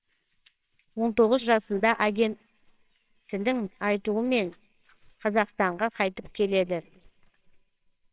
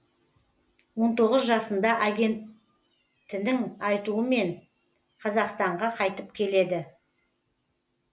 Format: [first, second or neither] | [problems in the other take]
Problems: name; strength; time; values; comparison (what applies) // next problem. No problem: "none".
second | noise reduction (neural separator model SepFormer WHAMR!)